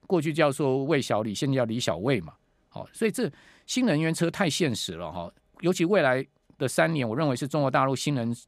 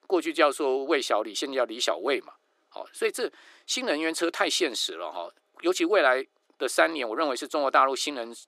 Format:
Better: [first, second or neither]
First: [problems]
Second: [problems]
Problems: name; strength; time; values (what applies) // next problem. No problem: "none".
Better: first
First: none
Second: thin; very; fading below 350 Hz